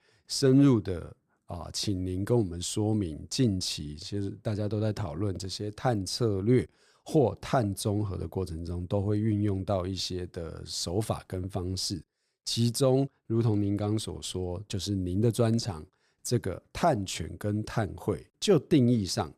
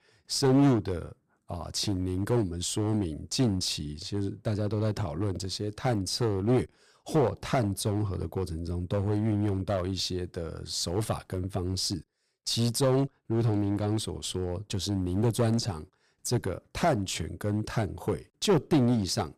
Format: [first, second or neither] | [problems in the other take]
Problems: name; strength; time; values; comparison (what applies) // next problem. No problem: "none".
first | distortion; slight; 6% of the sound clipped